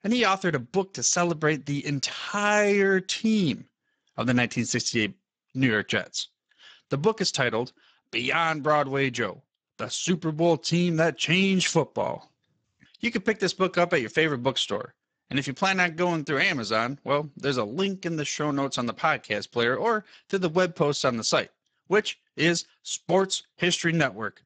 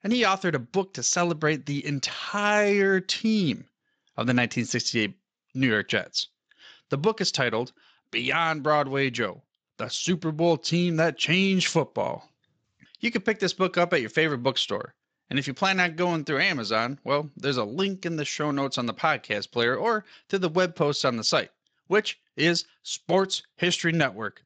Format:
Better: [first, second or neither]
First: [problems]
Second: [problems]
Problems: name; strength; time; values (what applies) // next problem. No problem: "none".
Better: second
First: garbled, watery; badly; nothing above 7.5 kHz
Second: garbled, watery; slightly; nothing above 7.5 kHz